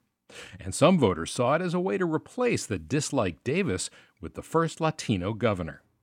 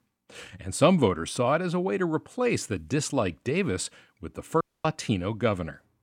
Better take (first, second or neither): first